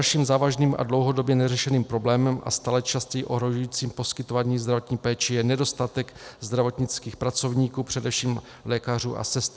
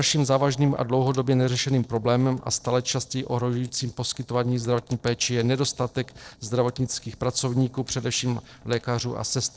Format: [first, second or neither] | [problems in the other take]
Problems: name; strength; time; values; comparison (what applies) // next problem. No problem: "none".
first | noise reduction (neural separator model SepFormer DNS4)